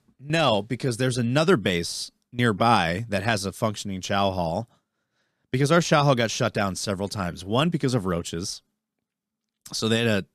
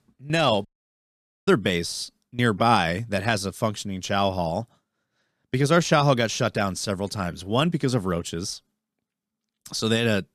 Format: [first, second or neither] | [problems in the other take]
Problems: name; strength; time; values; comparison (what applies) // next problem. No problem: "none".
first | audio cutting out; at 0.5 s for 1 s